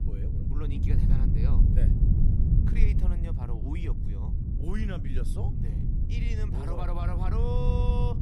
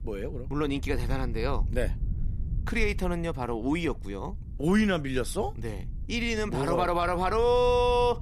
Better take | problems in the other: second | low rumble; loud; throughout; 1 dB below the speech; faint in the second

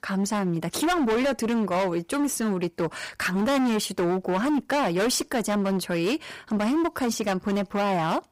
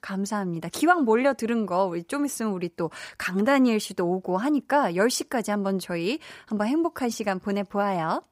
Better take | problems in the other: second | distortion; heavy; 23% of the sound clipped

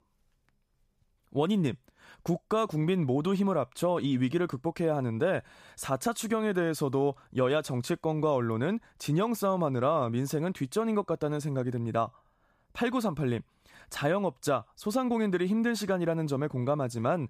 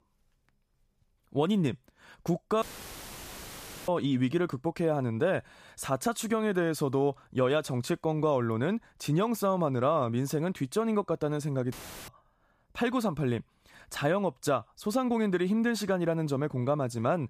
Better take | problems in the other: first | audio cutting out; filled with static; at 2.5 s for 1.5 s and at 12 s

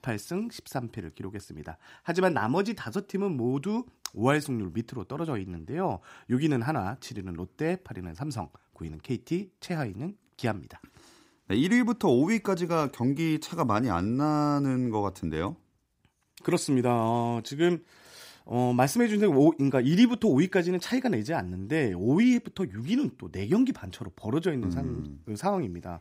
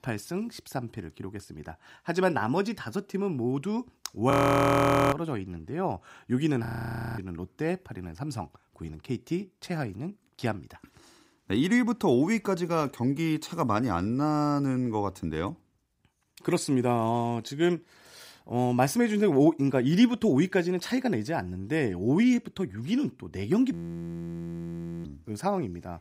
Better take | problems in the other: first | audio freezing; at 4.5 s for 1 s, at 6.5 s for 0.5 s and at 24 s for 1.5 s

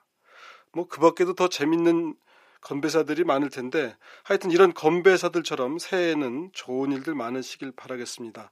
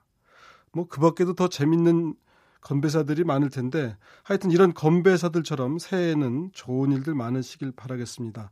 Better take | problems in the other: second | thin; somewhat; fading below 450 Hz

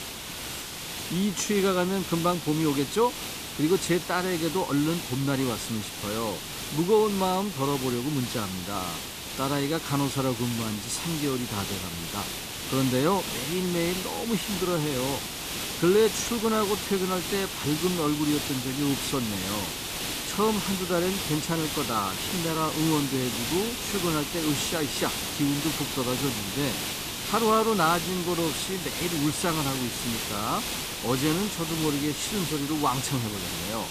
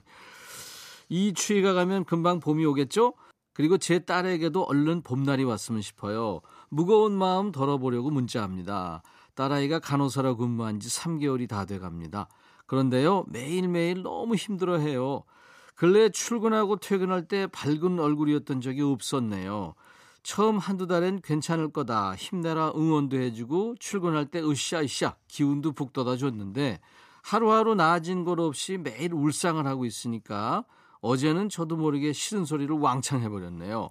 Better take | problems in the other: second | hiss; loud; throughout; 3 dB below the speech

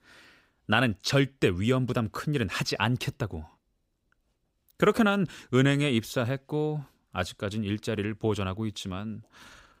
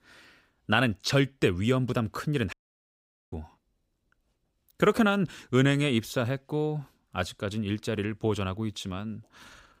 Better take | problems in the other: first | audio cutting out; at 2.5 s for 1 s

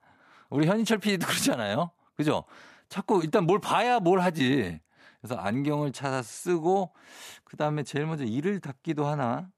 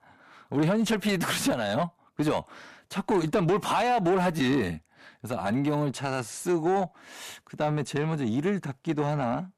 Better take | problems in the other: first | distortion; slight; 10 dB below the speech

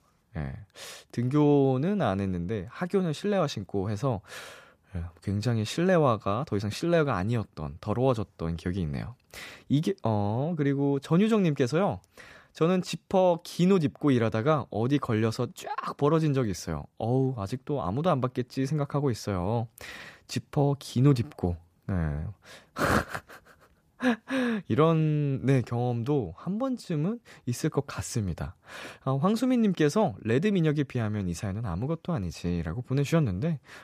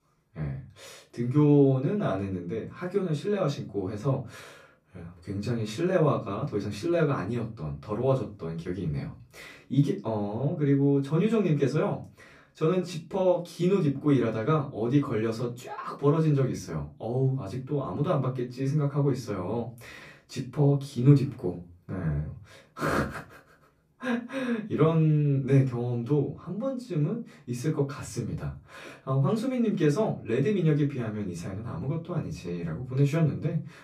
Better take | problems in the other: first | off-mic speech; far // room echo; very slight; dies away in 0.3 s

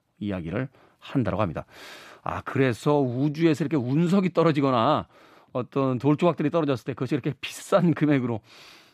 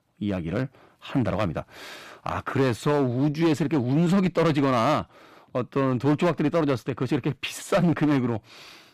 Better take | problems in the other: first | distortion; slight; 8% of the sound clipped

